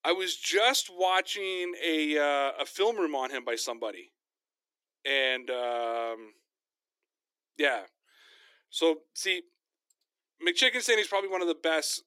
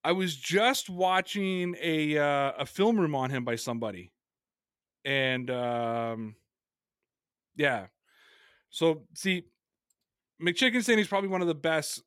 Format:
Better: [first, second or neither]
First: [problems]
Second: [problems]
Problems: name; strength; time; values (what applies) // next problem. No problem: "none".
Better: second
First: thin; somewhat; fading below 300 Hz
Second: none